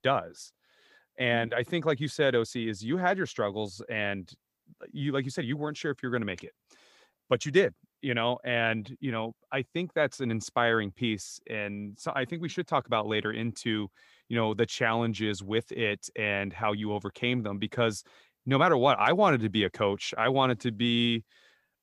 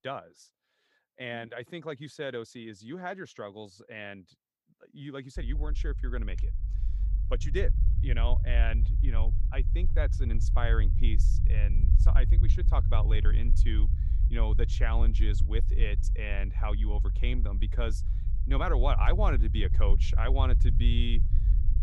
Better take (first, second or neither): first